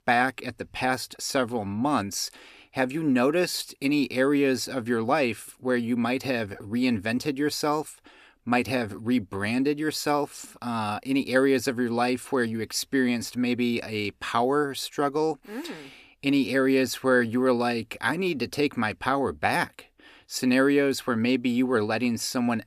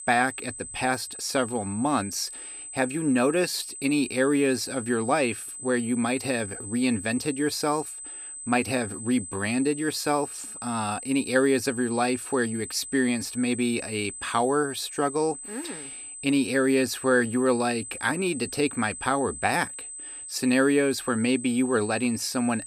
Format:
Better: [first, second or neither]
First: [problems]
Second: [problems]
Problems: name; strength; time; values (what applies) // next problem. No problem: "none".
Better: first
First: none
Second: high-pitched whine; noticeable; throughout; 8 kHz, 10 dB below the speech